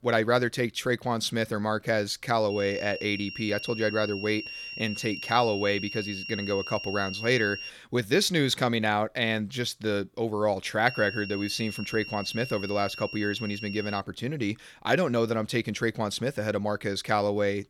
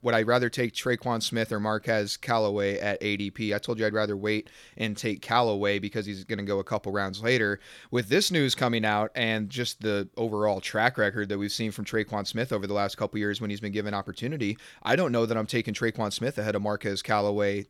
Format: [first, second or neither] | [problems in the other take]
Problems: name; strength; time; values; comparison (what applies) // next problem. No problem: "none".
second | high-pitched whine; loud; from 2.5 to 7.5 s and from 11 to 14 s; 3 kHz, 9 dB below the speech